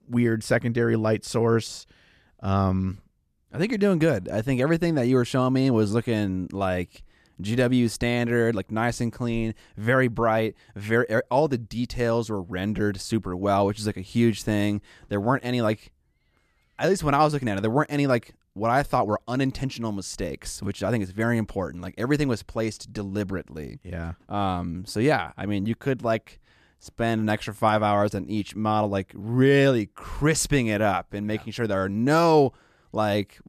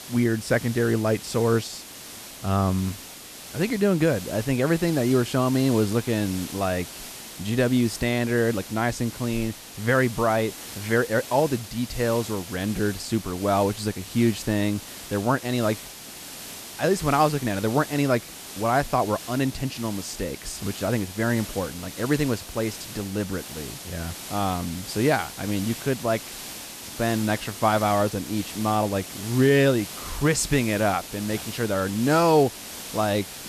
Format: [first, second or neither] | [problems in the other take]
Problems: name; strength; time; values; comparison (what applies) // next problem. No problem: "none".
first | hiss; noticeable; throughout; 10 dB below the speech